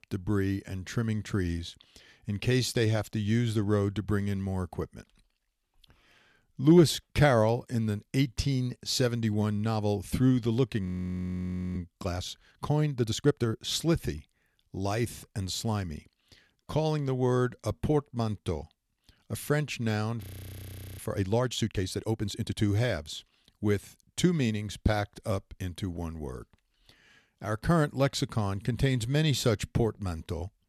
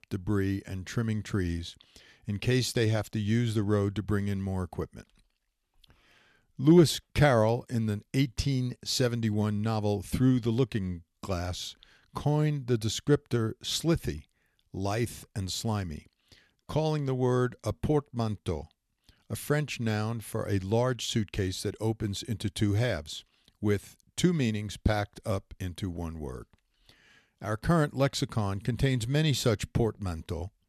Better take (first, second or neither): second